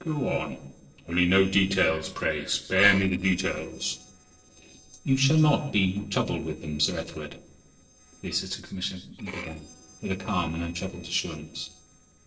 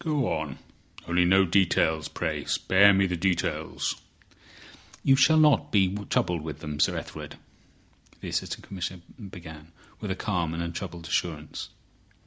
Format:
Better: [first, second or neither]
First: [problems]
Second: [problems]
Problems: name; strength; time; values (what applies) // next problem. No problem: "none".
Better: second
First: noise reduction (neural separator model SepFormer DNS4)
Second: none